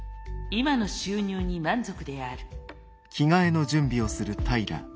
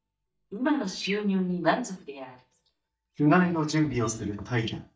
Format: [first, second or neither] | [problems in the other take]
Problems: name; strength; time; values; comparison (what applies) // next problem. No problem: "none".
first | noise reduction (neural mask model DeepFilterNet 3)